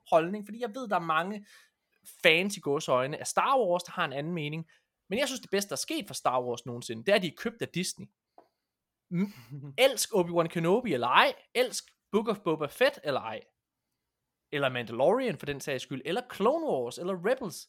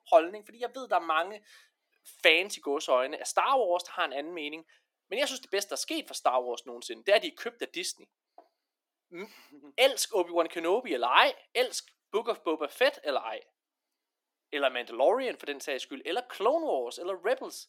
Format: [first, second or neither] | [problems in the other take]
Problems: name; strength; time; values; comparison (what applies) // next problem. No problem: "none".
first | thin; somewhat; fading below 300 Hz